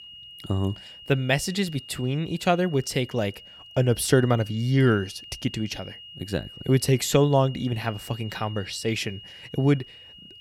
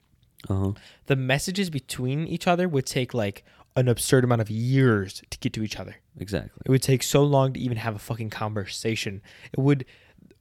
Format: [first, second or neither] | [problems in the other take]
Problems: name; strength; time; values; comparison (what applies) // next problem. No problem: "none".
second | high-pitched whine; noticeable; throughout; 3 kHz, 15 dB below the speech